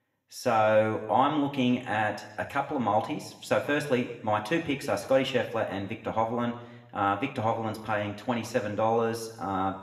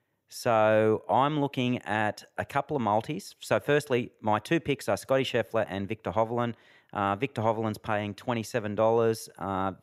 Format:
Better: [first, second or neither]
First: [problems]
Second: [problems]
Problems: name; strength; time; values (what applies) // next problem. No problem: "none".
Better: second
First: room echo; slight; dies away in 0.8 s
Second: none